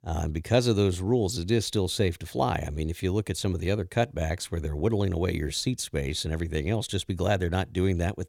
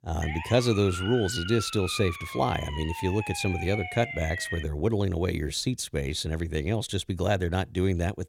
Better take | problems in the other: first | siren; noticeable; until 4.5 s; peak 6 dB below the speech

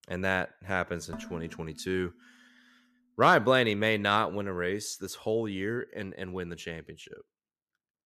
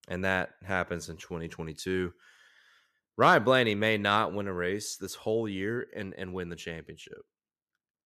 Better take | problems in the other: second | clattering dishes; faint; at 1 s; peak 15 dB below the speech

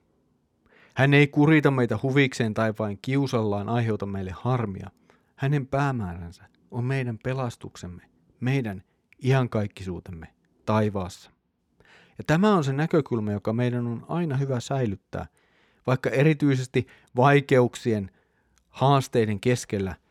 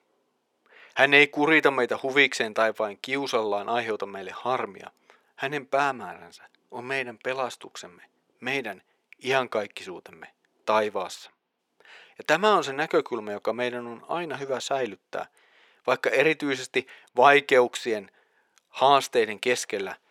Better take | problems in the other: first | thin; very; fading below 550 Hz

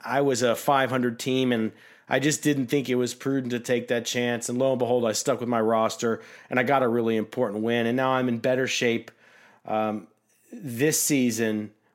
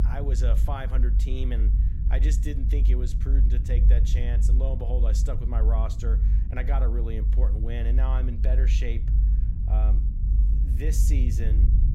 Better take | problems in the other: first | low rumble; loud; throughout; 5 dB below the speech

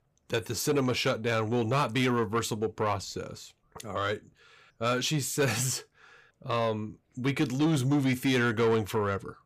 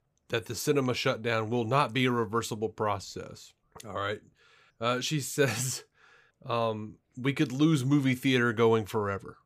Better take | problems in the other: second | distortion; slight; 10 dB below the speech

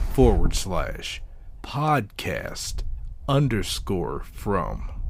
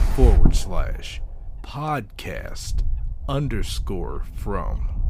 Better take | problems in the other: first | wind noise on the microphone; heavy; 9 dB below the speech; occasional gusts in the first

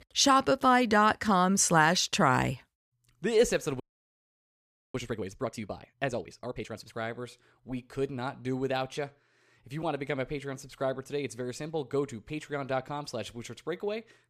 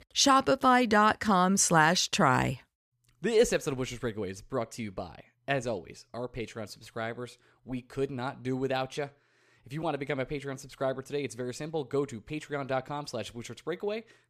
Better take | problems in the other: second | audio freezing; at 4 s for 1 s

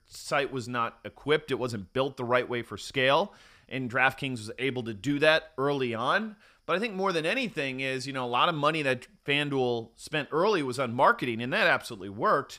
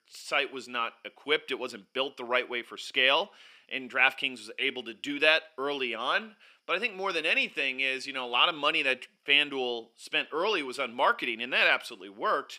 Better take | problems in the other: first | thin; very slightly; fading below 250 Hz

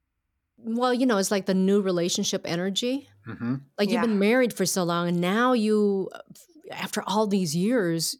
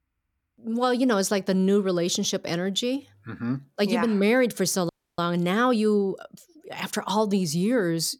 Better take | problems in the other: first | audio freezing; at 5 s

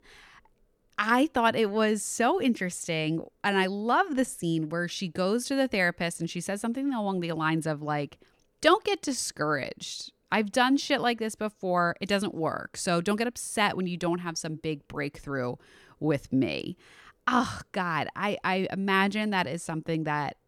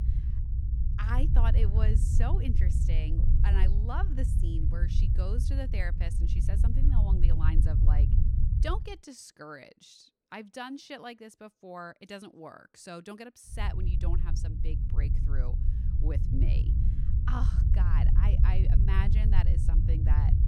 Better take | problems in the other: first | low rumble; loud; until 9 s and from 14 s on; 3 dB below the speech

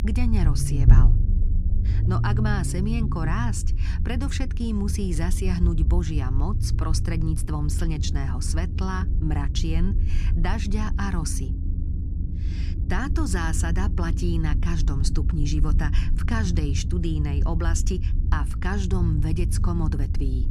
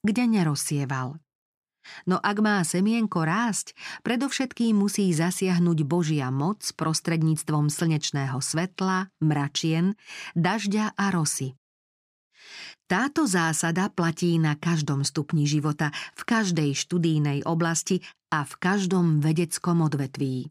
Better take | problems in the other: second | low rumble; loud; throughout; 8 dB below the speech

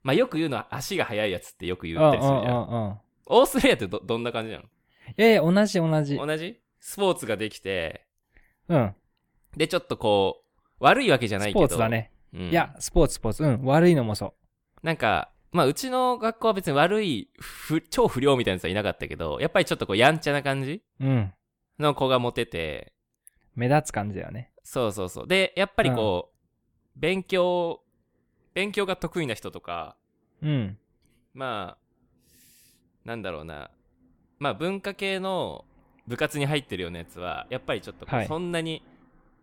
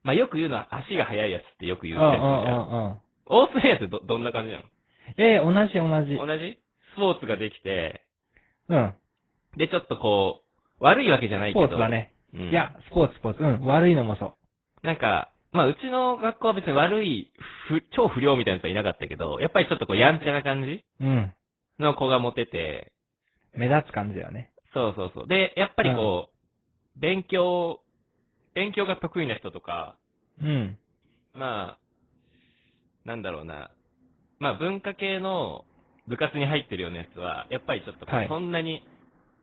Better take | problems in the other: first | garbled, watery; badly; nothing above 4 kHz

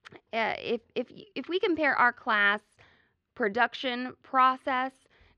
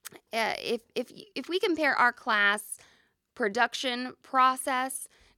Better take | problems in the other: second | muffled; slightly; fading above 3.5 kHz

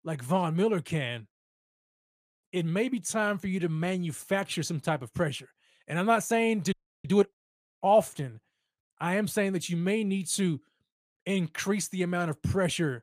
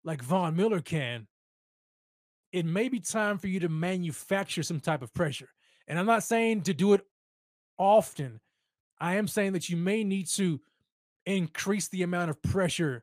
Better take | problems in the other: second | audio freezing; at 6.5 s

